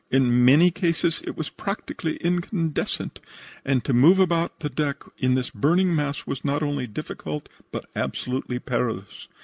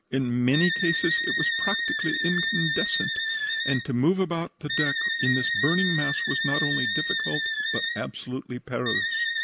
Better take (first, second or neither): first